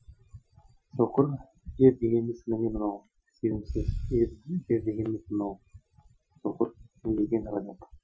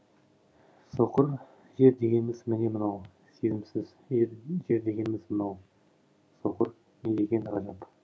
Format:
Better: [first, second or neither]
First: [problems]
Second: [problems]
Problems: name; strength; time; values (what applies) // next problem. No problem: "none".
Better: second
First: noise reduction (classical method Wiener filter)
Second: none